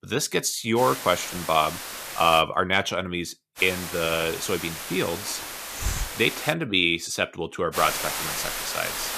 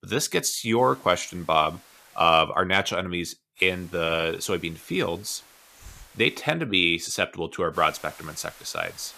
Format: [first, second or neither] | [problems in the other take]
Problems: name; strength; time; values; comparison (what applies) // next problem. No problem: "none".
second | hiss; loud; from 1 to 2.5 s, from 3.5 to 6.5 s and from 7.5 s on; 7 dB below the speech; faint in the second